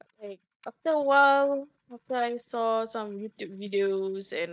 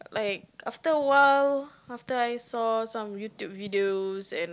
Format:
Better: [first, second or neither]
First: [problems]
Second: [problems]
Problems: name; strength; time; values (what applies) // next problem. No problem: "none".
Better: second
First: noise reduction (neural mask model DeepFilterNet 3)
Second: none